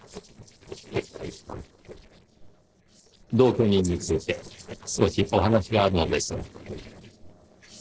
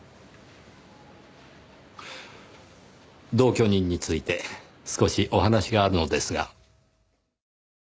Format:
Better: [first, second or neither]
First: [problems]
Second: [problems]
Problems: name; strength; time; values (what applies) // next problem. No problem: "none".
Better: second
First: noise reduction (neural separator model SepFormer DNS4)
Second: none